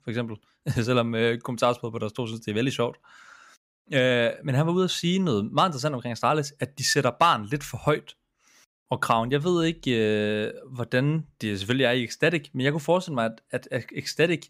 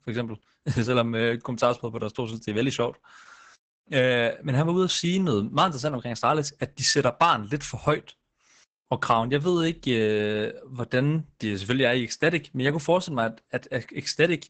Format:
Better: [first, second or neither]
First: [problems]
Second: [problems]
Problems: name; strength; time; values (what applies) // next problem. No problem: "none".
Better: first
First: none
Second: garbled, watery; badly; nothing above 8 kHz